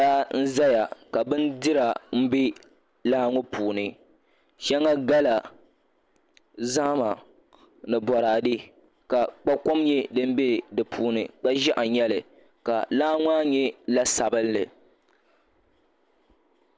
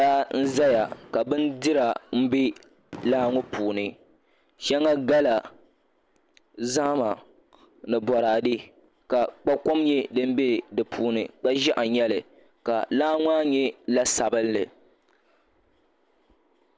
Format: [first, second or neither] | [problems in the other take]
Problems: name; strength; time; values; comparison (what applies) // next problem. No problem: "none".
first | background sound (Fireworks); 17 dB below the speech